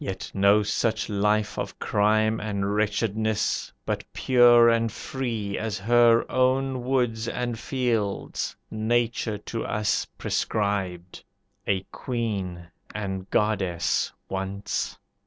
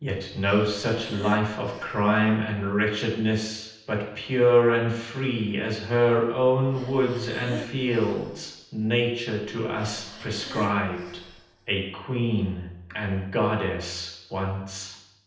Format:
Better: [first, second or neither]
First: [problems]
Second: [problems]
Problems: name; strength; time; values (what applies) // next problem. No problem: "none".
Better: first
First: none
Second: noise reduction (neural separator model SepFormer DNS4)